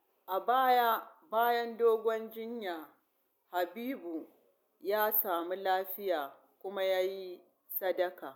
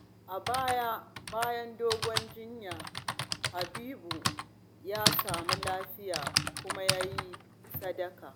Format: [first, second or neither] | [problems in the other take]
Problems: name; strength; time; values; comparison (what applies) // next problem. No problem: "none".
first | background sound (Typing); 1 dB above the speech